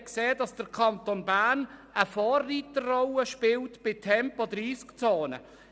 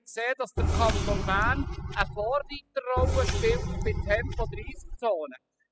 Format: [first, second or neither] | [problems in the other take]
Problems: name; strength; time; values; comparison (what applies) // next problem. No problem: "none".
first | noise reduction (classical method spectral subtraction)